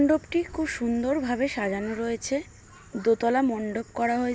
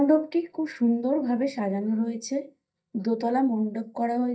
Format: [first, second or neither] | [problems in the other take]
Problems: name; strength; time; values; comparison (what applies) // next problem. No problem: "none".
first | noise reduction (neural mask model DeepFilterNet 3)